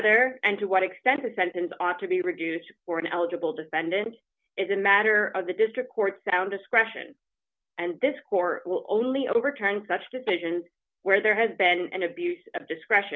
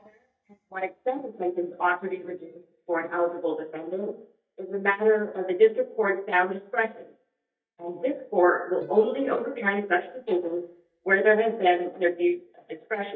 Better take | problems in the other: first | noise reduction (neural mask model DeepFilterNet 3)

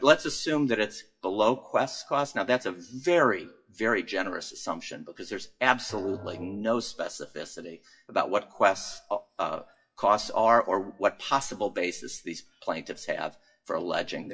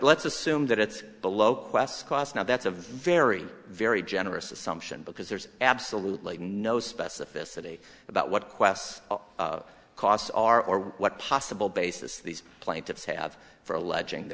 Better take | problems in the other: second | noise reduction (classical method WPE with log-MMSE)

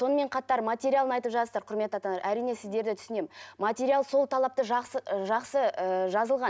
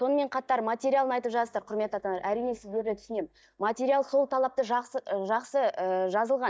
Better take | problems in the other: first | noise reduction (neural mask model DeepFilterNet 3)

